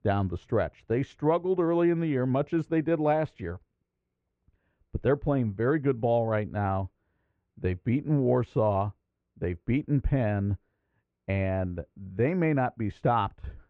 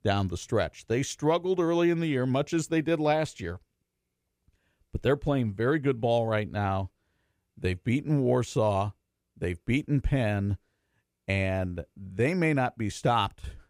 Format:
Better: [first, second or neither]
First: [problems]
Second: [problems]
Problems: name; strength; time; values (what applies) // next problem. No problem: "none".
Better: second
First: muffled; very; fading above 1.5 kHz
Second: none